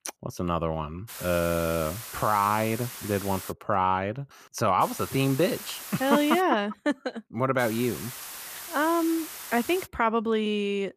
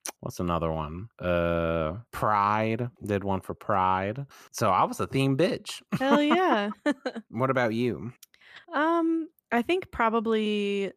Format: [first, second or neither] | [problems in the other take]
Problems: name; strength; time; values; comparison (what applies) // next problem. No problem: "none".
second | hiss; noticeable; from 1 to 3.5 s, from 5 to 6.5 s and from 7.5 to 10 s; 10 dB below the speech